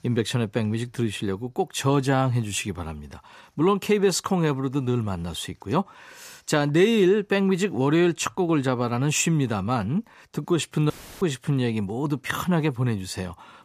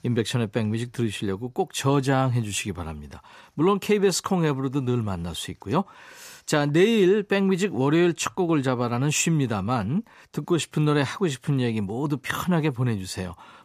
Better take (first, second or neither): second